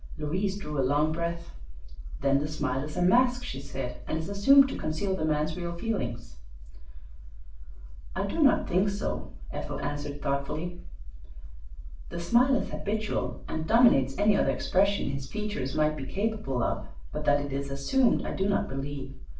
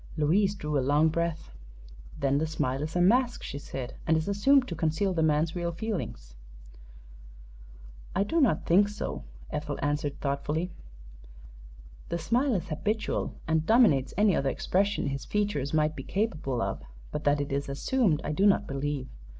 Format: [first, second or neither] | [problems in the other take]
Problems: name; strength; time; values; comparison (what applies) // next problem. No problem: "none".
second | room echo; dies away in 0.3 s